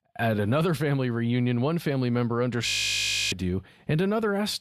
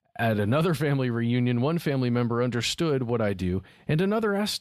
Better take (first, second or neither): second